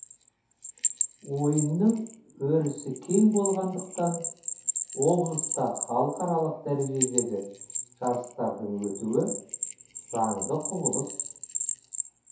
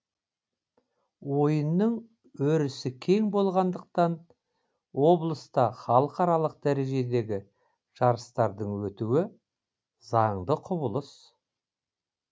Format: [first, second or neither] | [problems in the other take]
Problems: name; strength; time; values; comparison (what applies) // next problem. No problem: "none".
second | background sound (Bell); 5 dB below the speech // room echo; dies away in 0.5 s